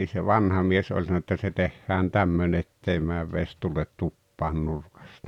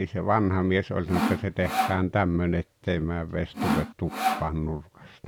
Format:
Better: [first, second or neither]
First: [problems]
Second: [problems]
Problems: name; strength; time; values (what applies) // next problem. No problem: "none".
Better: first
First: none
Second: background sound (Sawing); 2 dB below the speech